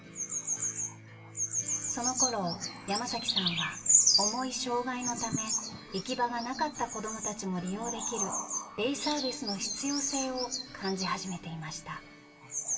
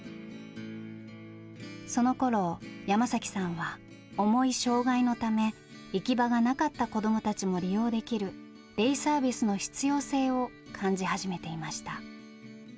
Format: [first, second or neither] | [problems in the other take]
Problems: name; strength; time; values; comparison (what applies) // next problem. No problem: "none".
second | background sound (Bird vocalization, bird call, bird song); 2 dB above the speech // room echo; dies away in 2 s